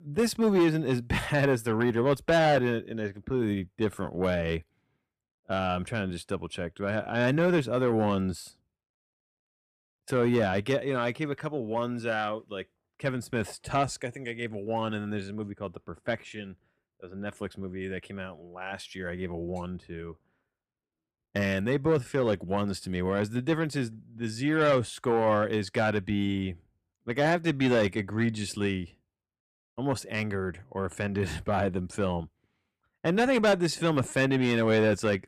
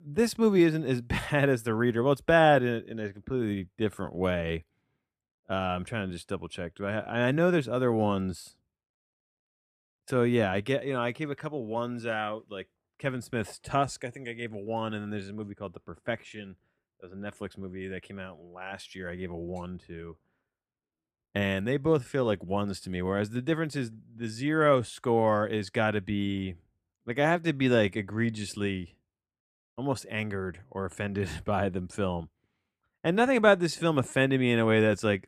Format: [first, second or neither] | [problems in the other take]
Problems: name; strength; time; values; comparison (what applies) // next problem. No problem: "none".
second | distortion; slight; 10 dB below the speech